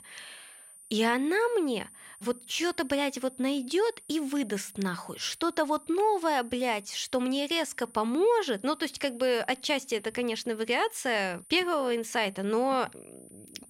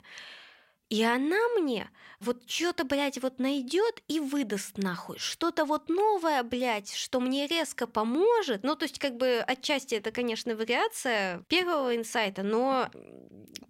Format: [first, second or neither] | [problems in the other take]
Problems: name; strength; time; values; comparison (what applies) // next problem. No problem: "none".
second | high-pitched whine; faint; throughout; 9.5 kHz, 20 dB below the speech